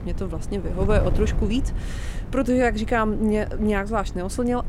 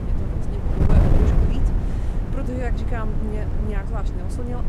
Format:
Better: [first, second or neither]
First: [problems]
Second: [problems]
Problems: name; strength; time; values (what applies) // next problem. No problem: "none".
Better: first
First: wind noise on the microphone; occasional gusts; 15 dB below the speech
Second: wind noise on the microphone; heavy; 2 dB above the speech